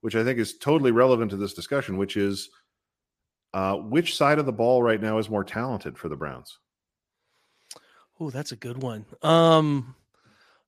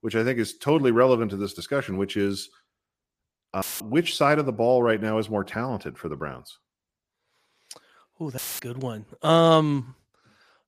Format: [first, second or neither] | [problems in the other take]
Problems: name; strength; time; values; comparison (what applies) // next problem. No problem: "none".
first | audio cutting out; filled with static; at 3.5 s and at 8.5 s